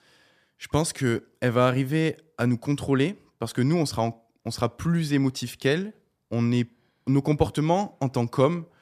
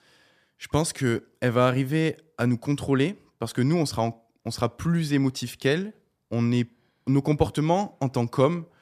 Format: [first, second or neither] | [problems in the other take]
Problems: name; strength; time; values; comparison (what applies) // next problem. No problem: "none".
neither | none